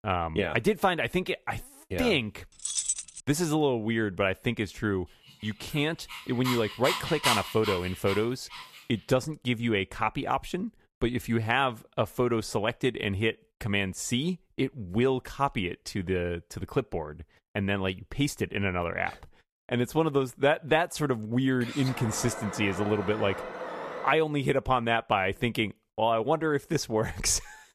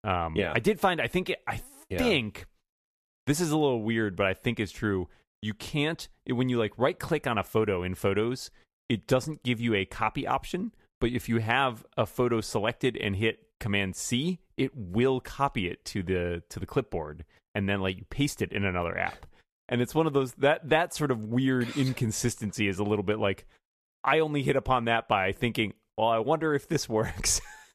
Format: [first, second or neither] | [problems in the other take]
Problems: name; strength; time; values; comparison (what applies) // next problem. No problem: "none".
second | jangling keys; loud; at 2.5 s; peak 1 dB above the speech // dog barking; loud; from 6 to 8.5 s; peak 2 dB above the speech // alarm; noticeable; from 22 to 24 s; peak 8 dB below the speech